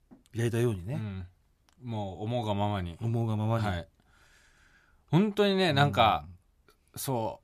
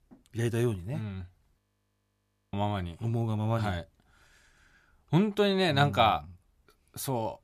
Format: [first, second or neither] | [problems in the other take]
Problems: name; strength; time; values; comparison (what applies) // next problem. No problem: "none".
first | audio freezing; at 1.5 s for 1 s